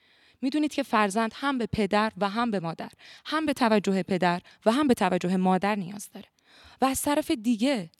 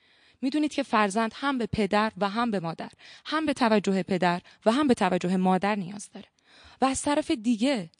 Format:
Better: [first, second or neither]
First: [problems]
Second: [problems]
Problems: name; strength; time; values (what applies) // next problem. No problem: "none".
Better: first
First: none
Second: garbled, watery; slightly